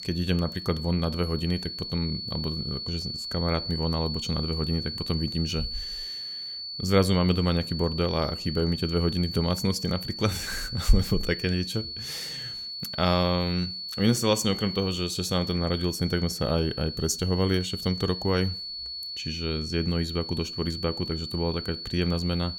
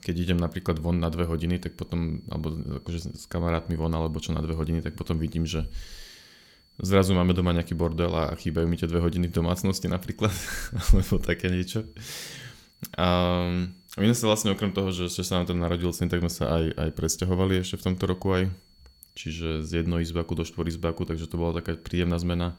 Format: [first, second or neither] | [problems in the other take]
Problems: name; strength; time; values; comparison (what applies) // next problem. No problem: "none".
second | high-pitched whine; loud; throughout; 4.5 kHz, 6 dB below the speech; faint in the second